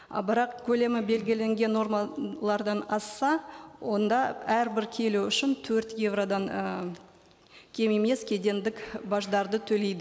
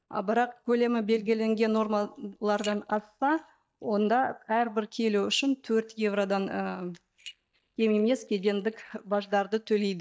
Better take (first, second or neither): first